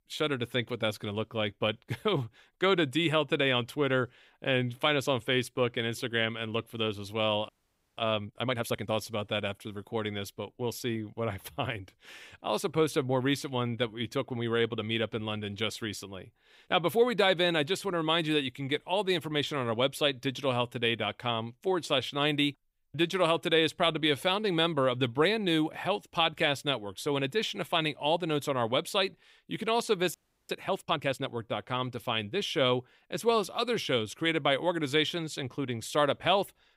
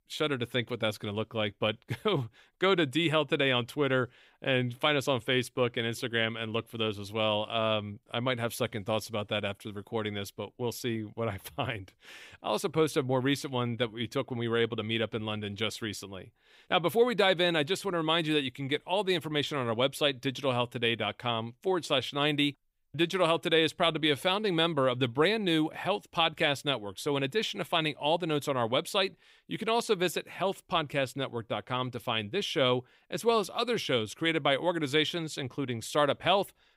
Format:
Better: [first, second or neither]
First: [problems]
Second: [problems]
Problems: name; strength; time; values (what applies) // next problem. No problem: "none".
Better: second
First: audio freezing; at 7.5 s and at 30 s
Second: none